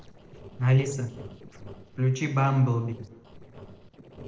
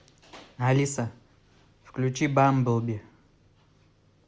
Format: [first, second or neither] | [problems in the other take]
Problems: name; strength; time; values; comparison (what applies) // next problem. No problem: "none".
second | noise reduction (neural separator model SepFormer DNS4)